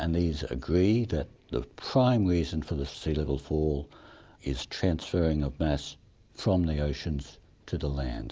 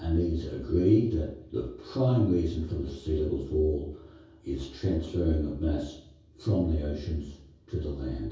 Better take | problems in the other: first | room echo; dies away in 0.6 s

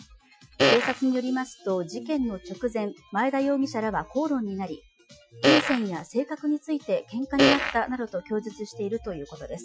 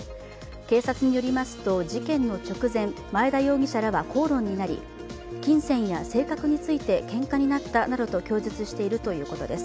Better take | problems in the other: second | noise reduction (classical method Wiener filter)

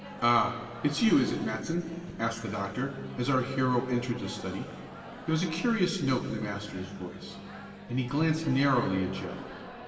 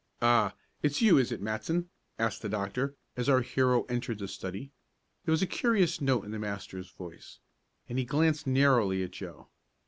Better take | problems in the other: second | background sound (Microwave oven); 14 dB below the speech // room echo; dies away in 2.1 s

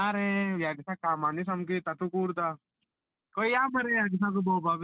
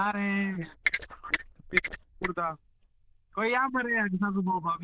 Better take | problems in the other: first | noise reduction (neural diffusion model UNIVERSE++)

